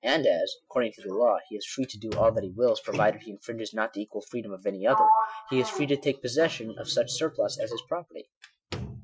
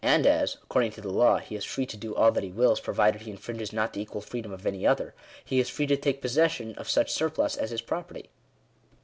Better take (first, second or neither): second